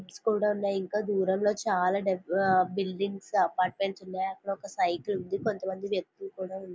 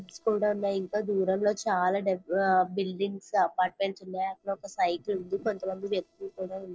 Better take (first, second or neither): first